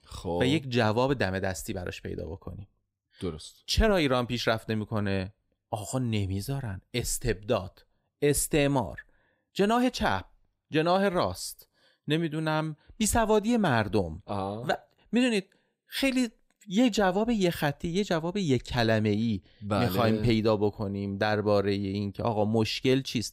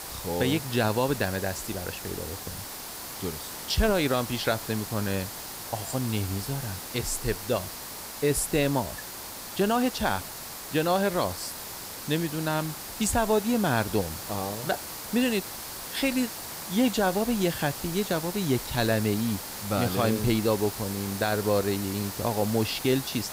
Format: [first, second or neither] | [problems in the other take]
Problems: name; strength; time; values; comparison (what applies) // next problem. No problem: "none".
first | hiss; loud; throughout; 8 dB below the speech